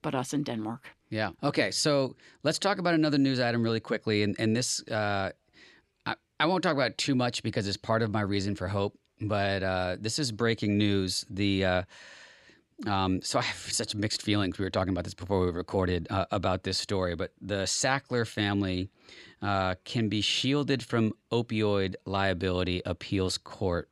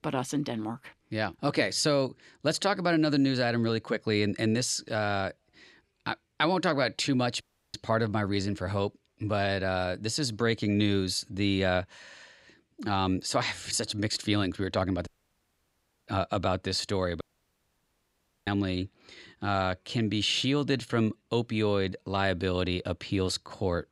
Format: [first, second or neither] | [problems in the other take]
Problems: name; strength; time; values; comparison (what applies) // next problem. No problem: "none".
first | audio cutting out; at 7.5 s, at 15 s for 1 s and at 17 s for 1.5 s